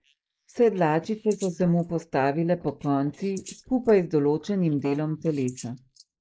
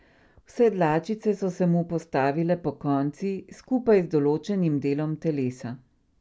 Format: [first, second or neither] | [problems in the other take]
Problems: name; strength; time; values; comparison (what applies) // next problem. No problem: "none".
second | noise reduction (neural mask model Resemble Enhance denoiser)